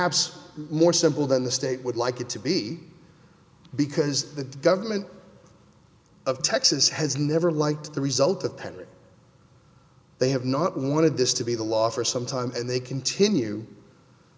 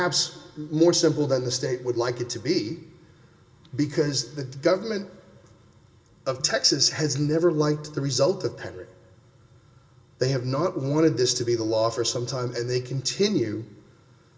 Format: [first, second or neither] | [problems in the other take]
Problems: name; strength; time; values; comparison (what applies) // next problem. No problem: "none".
first | room echo; dies away in 0.2 s